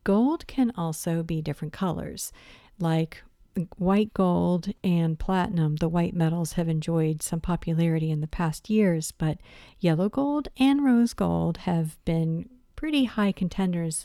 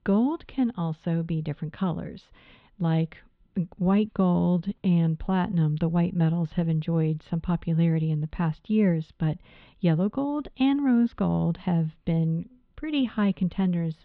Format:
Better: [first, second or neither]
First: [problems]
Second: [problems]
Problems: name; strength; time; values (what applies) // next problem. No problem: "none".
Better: first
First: none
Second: muffled; very; fading above 3.5 kHz